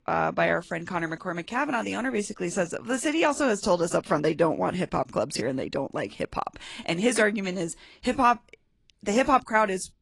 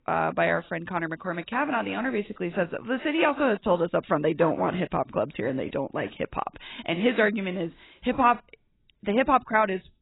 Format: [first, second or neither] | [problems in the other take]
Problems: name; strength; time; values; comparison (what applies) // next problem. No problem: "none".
first | garbled, watery; badly; nothing above 4 kHz; slightly in the first